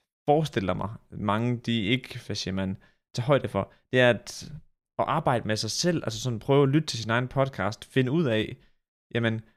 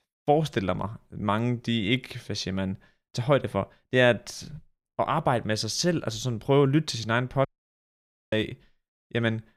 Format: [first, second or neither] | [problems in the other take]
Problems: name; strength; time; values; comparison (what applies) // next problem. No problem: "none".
first | audio cutting out; at 7.5 s for 1 s